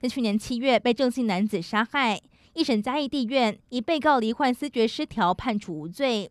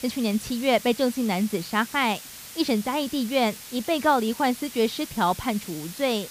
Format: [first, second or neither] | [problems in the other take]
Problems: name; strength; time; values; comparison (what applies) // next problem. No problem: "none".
first | hiss; noticeable; throughout; 15 dB below the speech